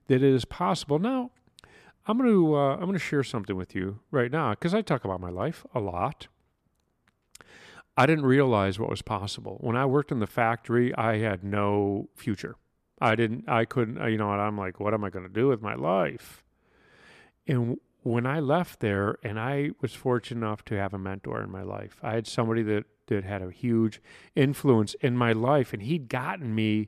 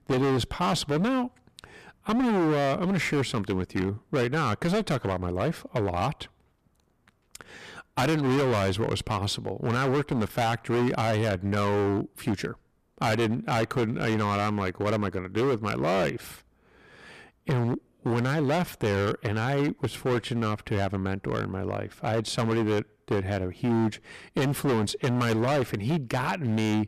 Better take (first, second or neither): first